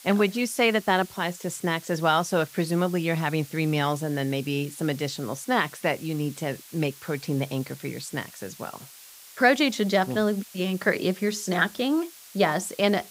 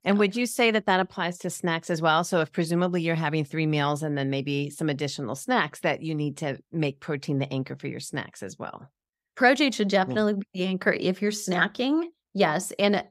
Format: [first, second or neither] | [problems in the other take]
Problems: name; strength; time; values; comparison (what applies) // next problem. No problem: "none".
second | hiss; noticeable; throughout; 20 dB below the speech